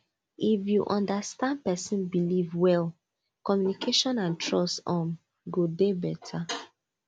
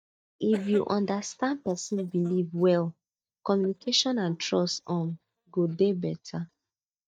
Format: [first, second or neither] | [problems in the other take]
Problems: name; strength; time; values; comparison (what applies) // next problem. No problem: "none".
first | noise reduction (neural mask model DeepFilterNet 3)